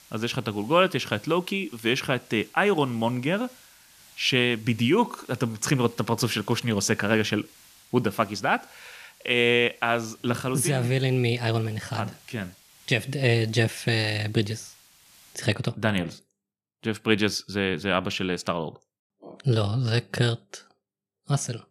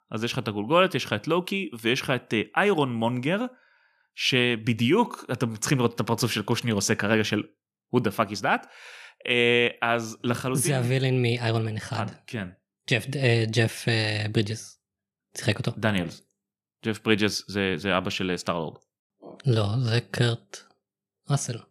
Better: second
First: hiss; faint; until 15 s; 25 dB below the speech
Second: none

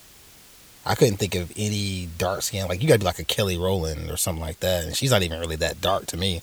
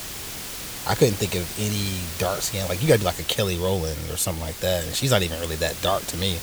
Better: first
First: hiss; faint; throughout; 25 dB below the speech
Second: hiss; loud; throughout; 8 dB below the speech

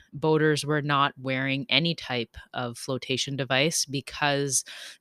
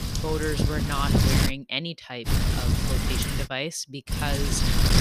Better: first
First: none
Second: wind noise on the microphone; heavy; until 1.5 s, from 2.5 to 3.5 s and at 4 s; 1 dB above the speech

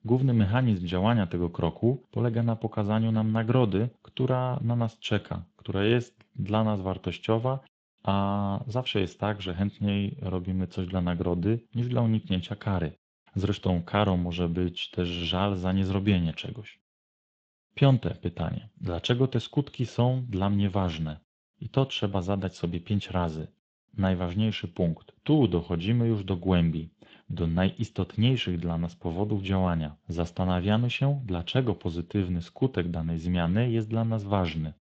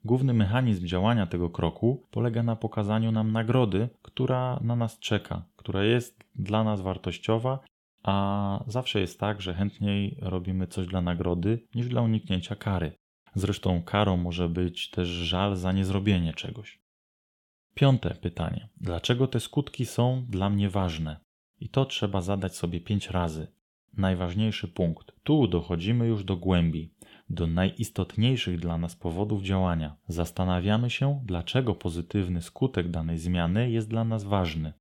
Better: second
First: garbled, watery; slightly; nothing above 17.5 kHz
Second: none

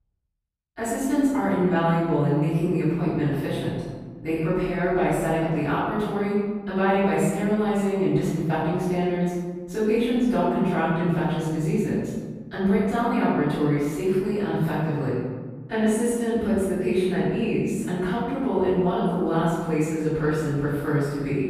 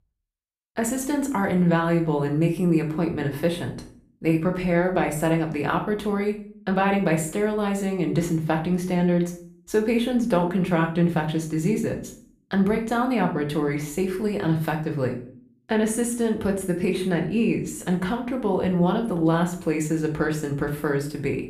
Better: second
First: room echo; strong; dies away in 1.4 s // off-mic speech; far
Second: room echo; slight; dies away in 0.4 s // off-mic speech; somewhat distant

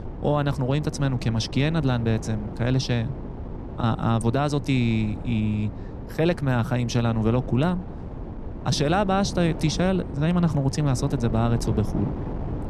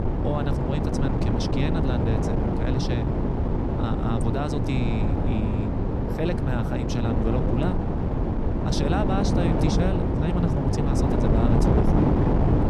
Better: first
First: wind noise on the microphone; occasional gusts; 10 dB below the speech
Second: wind noise on the microphone; heavy; 3 dB above the speech

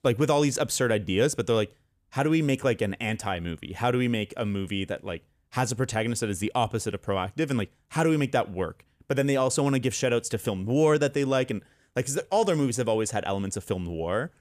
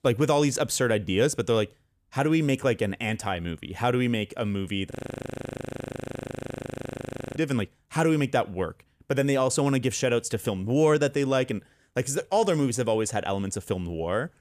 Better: first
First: none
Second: audio freezing; at 5 s for 2.5 s

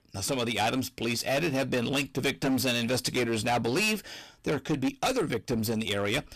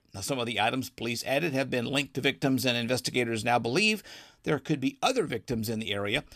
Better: second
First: distortion; heavy; 16% of the sound clipped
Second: none

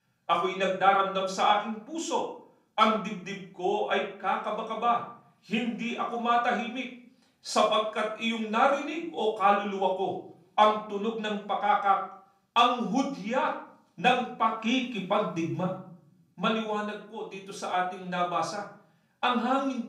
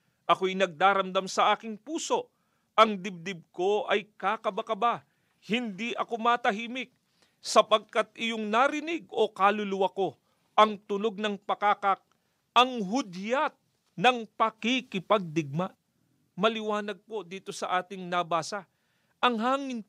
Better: second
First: off-mic speech; far // room echo; slight; dies away in 0.5 s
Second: none

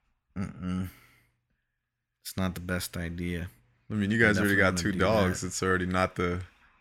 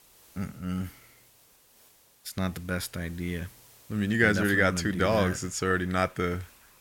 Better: first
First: none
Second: hiss; faint; throughout; 25 dB below the speech

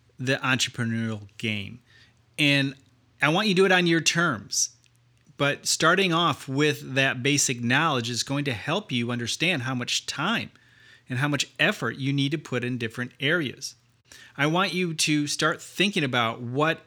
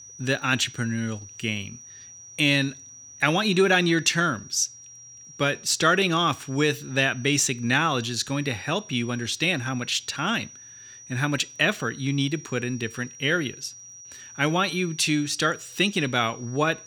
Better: first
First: none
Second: high-pitched whine; noticeable; throughout; 6 kHz, 20 dB below the speech

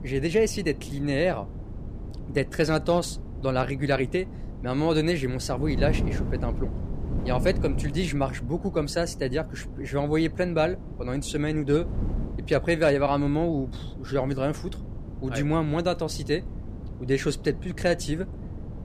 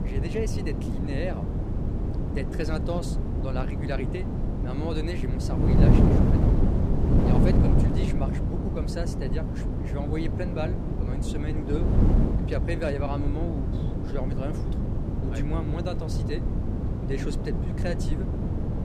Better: first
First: wind noise on the microphone; occasional gusts; 15 dB below the speech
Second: wind noise on the microphone; heavy; 1 dB above the speech

